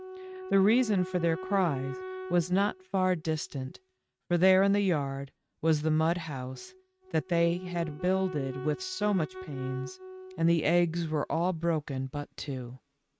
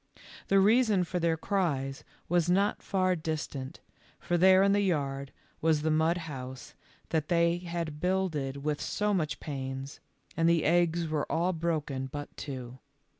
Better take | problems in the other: second | noise reduction (neural mask model RNNoise)

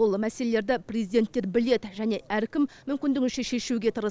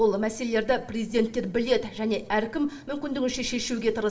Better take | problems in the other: first | room echo; dies away in 0.7 s

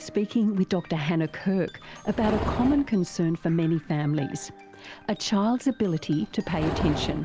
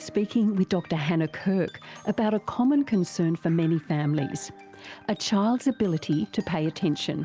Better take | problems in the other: second | background sound (Livestock, farm animals, working animals); 10 dB below the speech

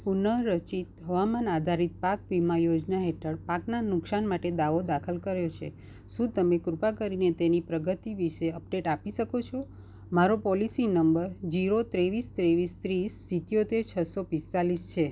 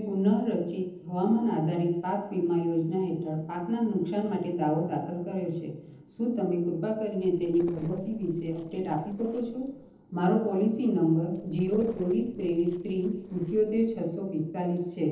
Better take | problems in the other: first | noise reduction (neural separator model SepFormer DNS4)

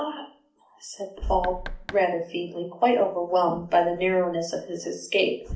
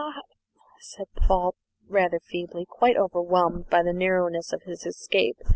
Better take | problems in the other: second | background sound (Knock); 17 dB below the speech // room echo; dies away in 0.4 s

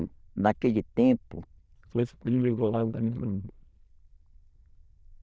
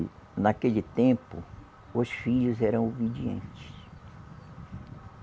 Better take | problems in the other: second | noise reduction (neural diffusion model UNIVERSE++)

